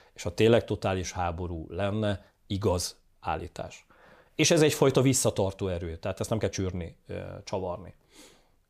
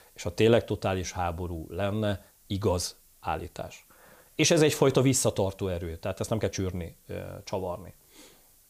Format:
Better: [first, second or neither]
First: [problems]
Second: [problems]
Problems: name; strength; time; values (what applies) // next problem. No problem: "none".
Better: first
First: none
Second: hiss; faint; throughout; 30 dB below the speech